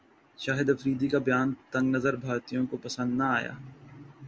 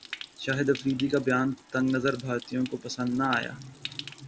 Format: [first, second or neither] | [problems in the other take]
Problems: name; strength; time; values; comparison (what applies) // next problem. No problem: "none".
first | background sound (Stream); 16 dB below the speech